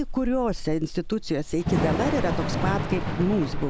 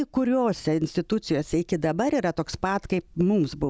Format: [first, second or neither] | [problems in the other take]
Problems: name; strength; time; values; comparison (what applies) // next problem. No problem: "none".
second | background sound (Thunder / Rain); 2 dB below the speech